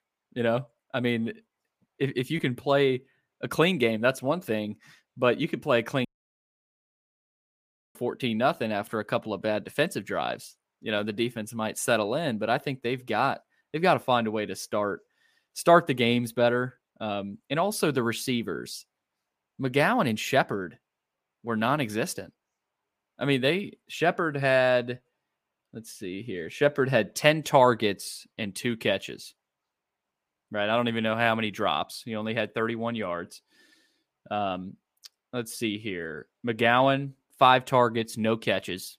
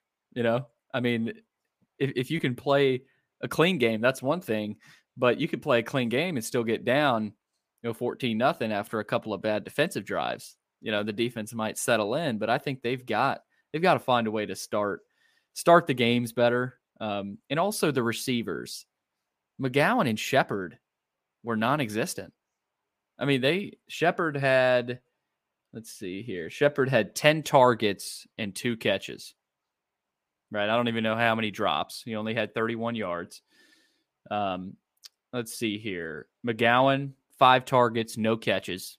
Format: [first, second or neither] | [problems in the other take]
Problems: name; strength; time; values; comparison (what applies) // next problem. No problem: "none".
second | audio cutting out; at 6 s for 2 s